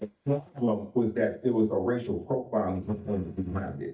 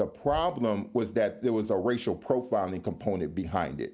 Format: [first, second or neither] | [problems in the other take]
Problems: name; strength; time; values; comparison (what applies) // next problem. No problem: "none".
second | noise reduction (neural mask model DeepFilterNet 3)